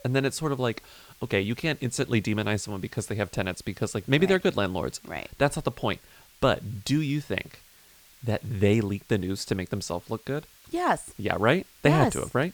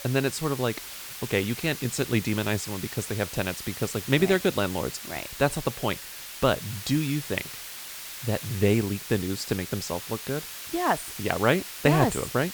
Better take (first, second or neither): first